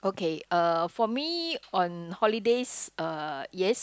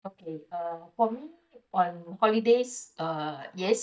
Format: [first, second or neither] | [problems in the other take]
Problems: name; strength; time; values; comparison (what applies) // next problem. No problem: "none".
first | noise reduction (neural mask model DeepFilterNet 3)